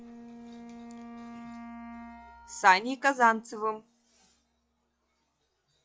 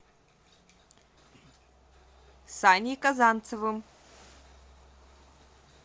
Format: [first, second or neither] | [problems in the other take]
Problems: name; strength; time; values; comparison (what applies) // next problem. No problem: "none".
second | noise reduction (classical method log-MMSE)